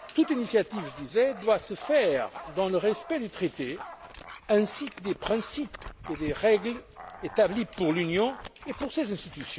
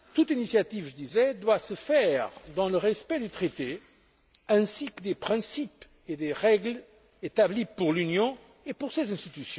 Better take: second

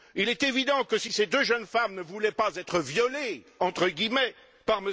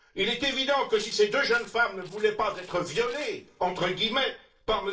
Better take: first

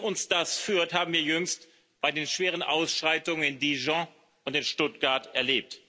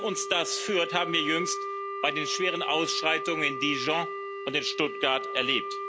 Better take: first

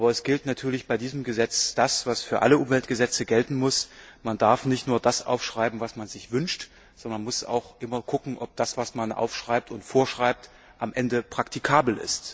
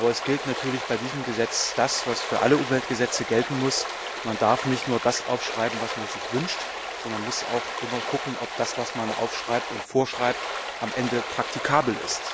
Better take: first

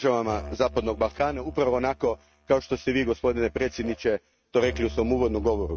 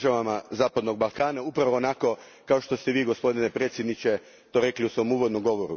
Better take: second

